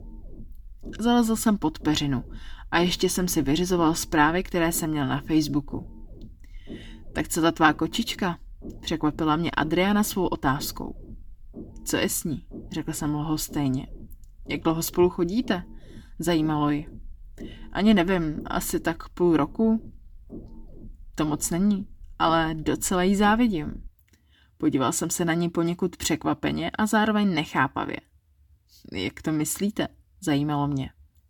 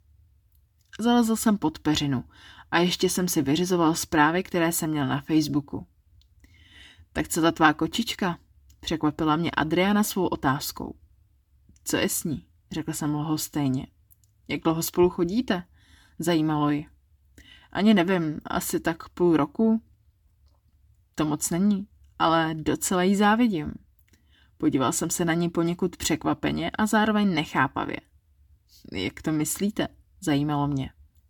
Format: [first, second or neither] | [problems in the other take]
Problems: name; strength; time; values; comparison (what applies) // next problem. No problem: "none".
second | low rumble; faint; until 24 s; 25 dB below the speech